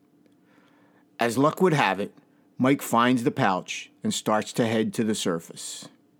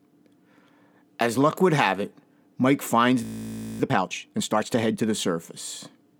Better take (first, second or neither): first